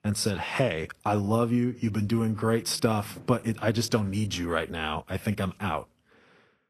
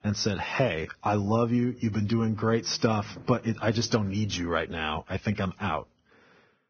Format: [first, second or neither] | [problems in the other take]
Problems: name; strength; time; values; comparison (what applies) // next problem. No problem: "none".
first | garbled, watery; badly; nothing above 6.5 kHz; slightly in the first